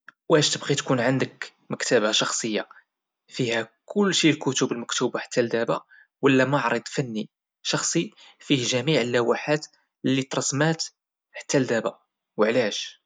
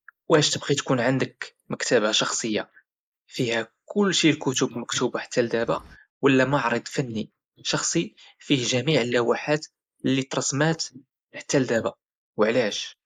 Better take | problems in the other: first | noise reduction (neural mask model Resemble Enhance denoiser)

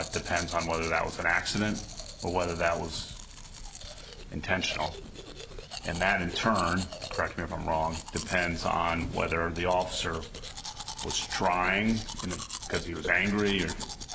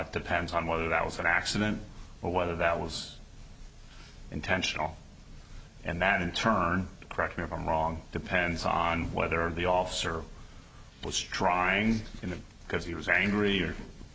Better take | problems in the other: second | background sound (Domestic sounds, home sounds); 11 dB below the speech

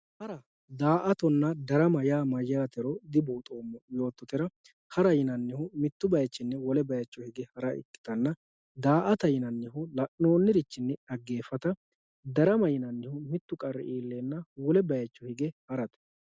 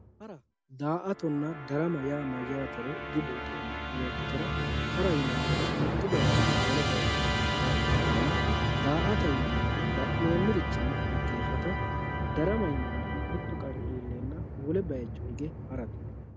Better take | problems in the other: first | background sound (Musical instrument); 4 dB above the speech

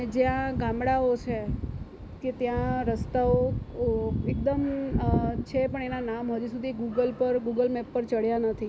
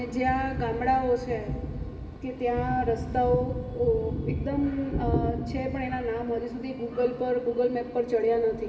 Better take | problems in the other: first | room echo; dies away in 2.7 s

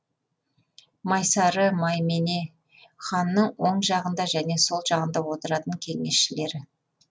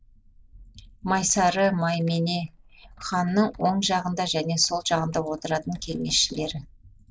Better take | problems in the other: first | noise reduction (neural mask model Resemble Enhance denoiser)

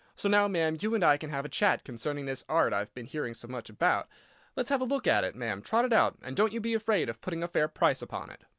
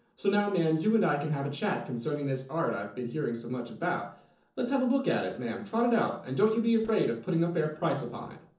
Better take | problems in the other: first | noise reduction (neural separator model SepFormer DNS4)

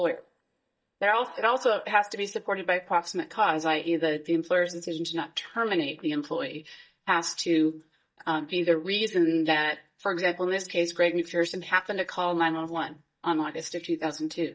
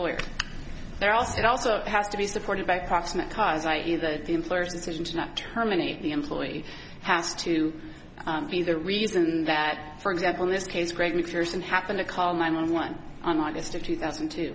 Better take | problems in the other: second | noise reduction (neural mask model DeepFilterNet 3)

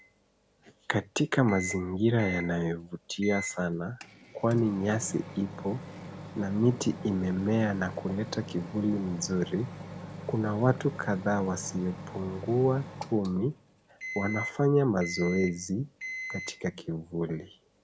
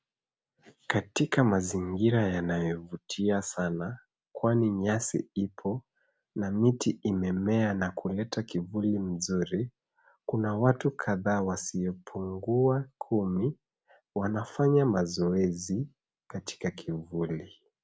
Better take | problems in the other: second | background sound (Microwave oven); 12 dB below the speech

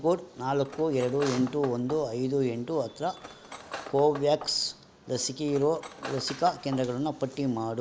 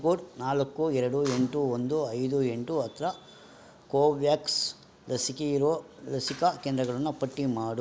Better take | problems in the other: second | background sound (Cutlery, silverware); 16 dB below the speech

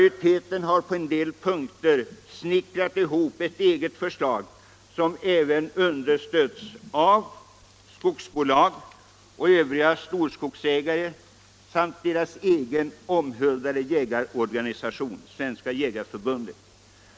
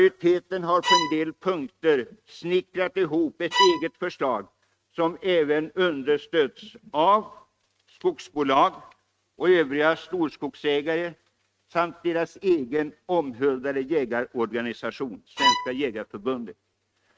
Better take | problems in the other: first | noise reduction (neural mask model RNNoise)

